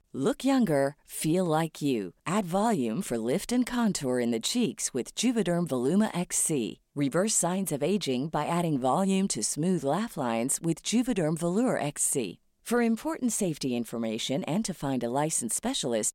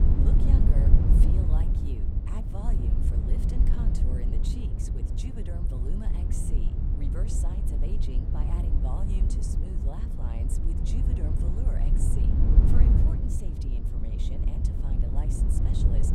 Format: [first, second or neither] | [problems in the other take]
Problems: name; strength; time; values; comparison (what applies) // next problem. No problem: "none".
first | wind noise on the microphone; heavy; 4 dB above the speech